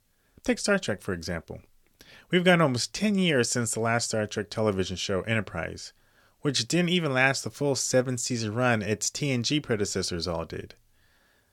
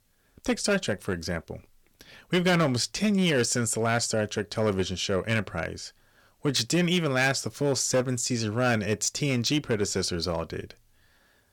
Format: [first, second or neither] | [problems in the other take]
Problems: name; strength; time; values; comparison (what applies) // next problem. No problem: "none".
first | distortion; slight; 4% of the sound clipped